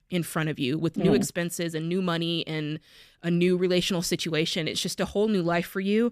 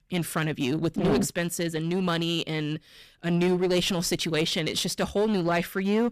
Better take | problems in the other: first | distortion; slight; 12% of the sound clipped

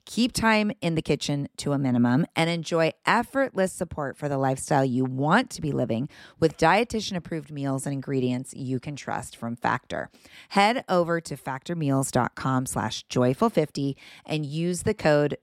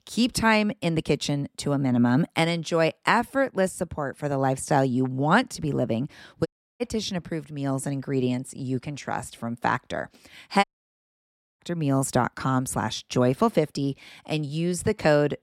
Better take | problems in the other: first | audio cutting out; at 6.5 s and at 11 s for 1 s

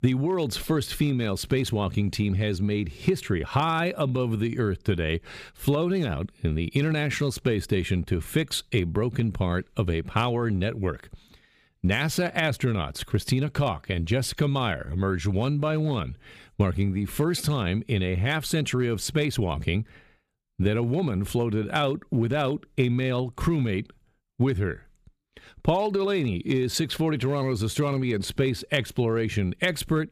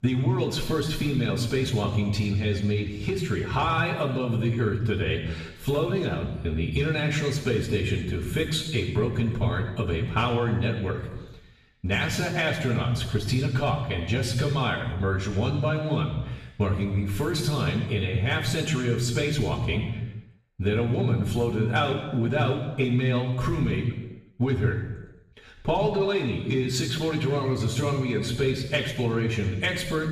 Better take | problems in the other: first | room echo; noticeable; dies away in 1 s // off-mic speech; far

